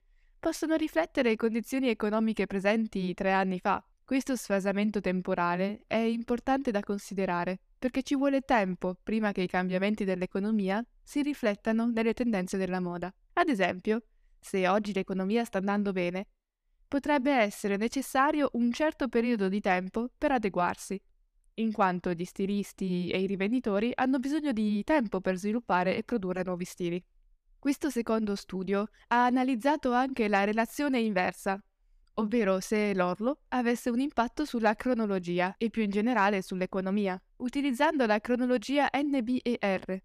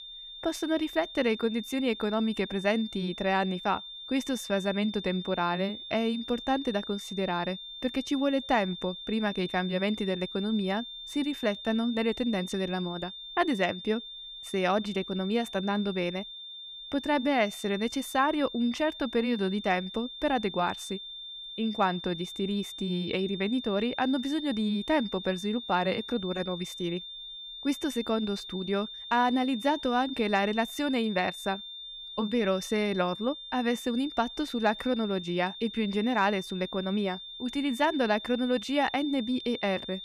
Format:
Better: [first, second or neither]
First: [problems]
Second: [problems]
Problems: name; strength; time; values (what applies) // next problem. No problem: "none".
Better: first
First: none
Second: high-pitched whine; loud; throughout; 3.5 kHz, 10 dB below the speech